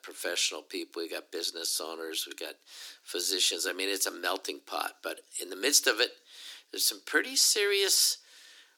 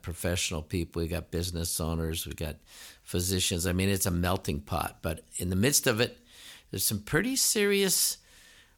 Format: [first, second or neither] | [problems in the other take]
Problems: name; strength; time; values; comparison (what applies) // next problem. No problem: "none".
second | thin; very; fading below 300 Hz